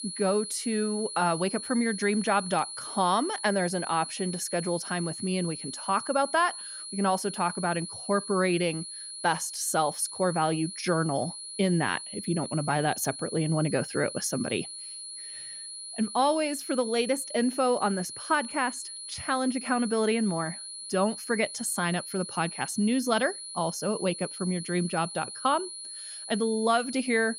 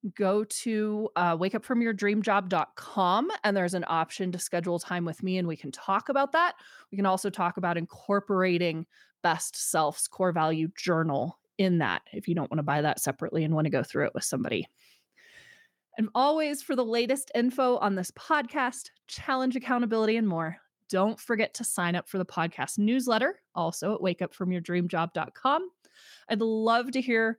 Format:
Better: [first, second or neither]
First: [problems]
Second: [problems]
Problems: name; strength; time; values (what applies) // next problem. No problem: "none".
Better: second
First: high-pitched whine; loud; throughout; 10 kHz, 9 dB below the speech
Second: none